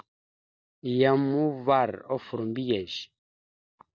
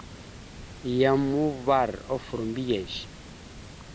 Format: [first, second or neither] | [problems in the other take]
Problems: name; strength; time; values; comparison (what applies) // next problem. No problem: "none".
first | background sound (Water); 15 dB below the speech